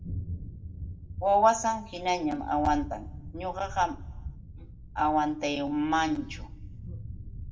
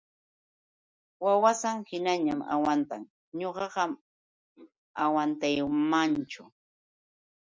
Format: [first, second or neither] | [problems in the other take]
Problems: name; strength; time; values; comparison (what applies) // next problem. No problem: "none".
second | background sound (Thunder); 10 dB below the speech // room echo; dies away in 0.4 s